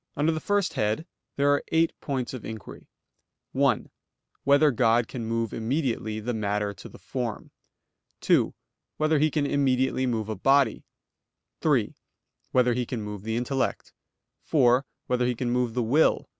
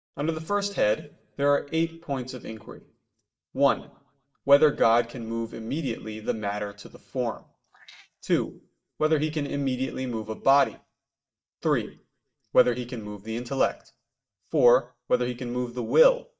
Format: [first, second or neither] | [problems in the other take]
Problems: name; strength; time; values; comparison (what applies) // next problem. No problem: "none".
first | noise reduction (neural mask model DeepFilterNet 3)